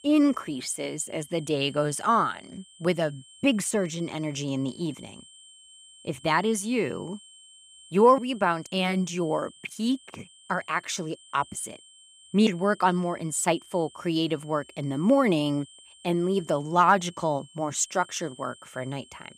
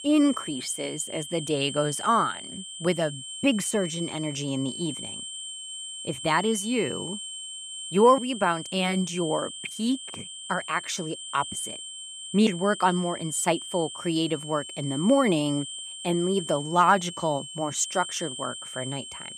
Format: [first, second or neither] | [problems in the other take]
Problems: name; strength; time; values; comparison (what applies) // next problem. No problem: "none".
first | high-pitched whine; loud; throughout; 3 kHz, 9 dB below the speech; faint in the first